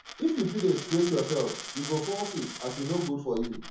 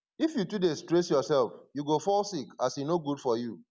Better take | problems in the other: second | background sound (Coin (dropping)); 11 dB below the speech // room echo; dies away in 0.6 s

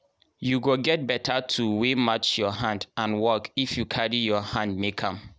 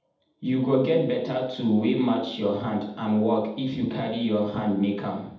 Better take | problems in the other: first | room echo; dies away in 0.8 s

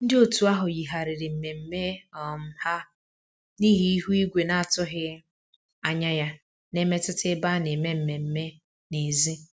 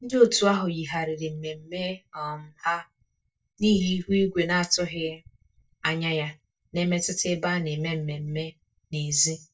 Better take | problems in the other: first | noise reduction (neural mask model DeepFilterNet 3)

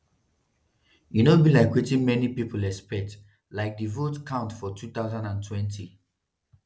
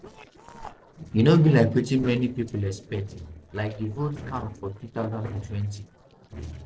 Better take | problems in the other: first | noise reduction (neural separator model SepFormer DNS4)

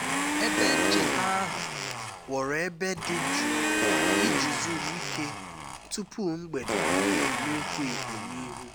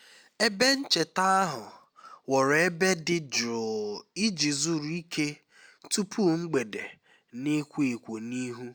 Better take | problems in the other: second | background sound (Fart + Domestic sounds, home sounds); 5 dB above the speech

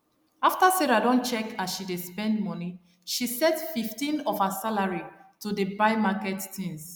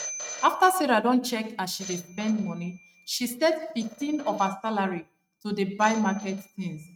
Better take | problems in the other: first | noise reduction (neural mask model RNNoise)

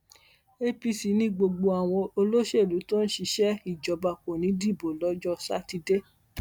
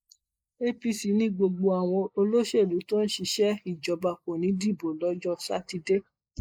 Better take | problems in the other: first | noise reduction (neural mask model Resemble Enhance denoiser)

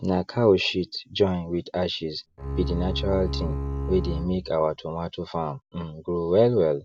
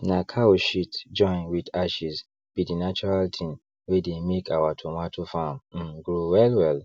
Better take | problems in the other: second | background sound (Bowed string instrument); 5 dB below the speech

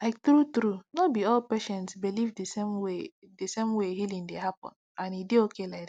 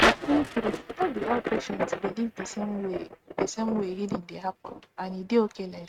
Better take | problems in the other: first | noise reduction (neural mask model RNNoise)

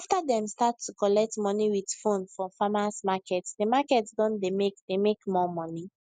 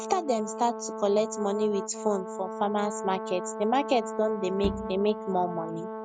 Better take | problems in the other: first | background sound (Brass instrument + Bowed string instrument); 7 dB below the speech

